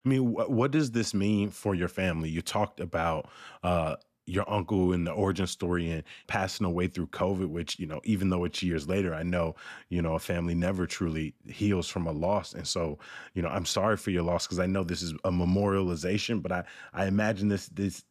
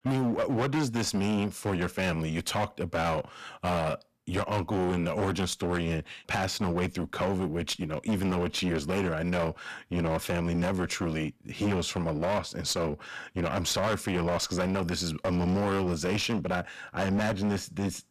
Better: first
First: none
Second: distortion; heavy; 19% of the sound clipped

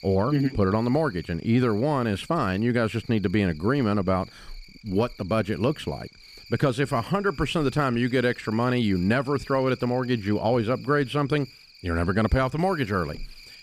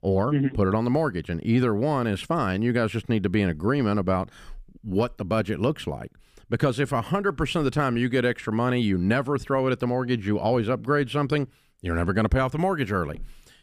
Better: second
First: animal sounds; faint; throughout; 20 dB below the speech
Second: none

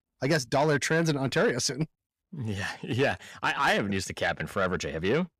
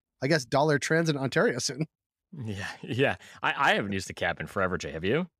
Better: second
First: distortion; slight; 10 dB below the speech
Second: none

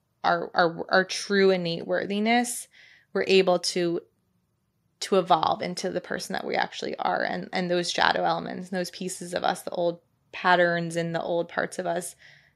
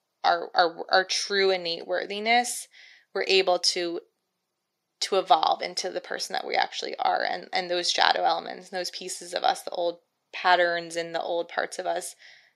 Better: first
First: none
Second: thin; somewhat; fading below 400 Hz

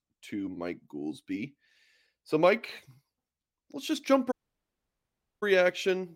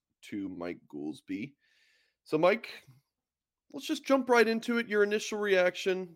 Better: second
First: audio cutting out; at 4.5 s for 1 s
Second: none

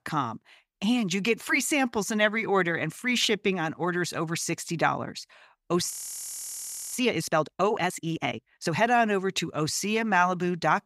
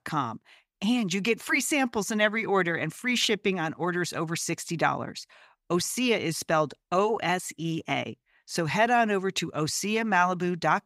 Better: second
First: audio freezing; at 6 s for 1 s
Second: none

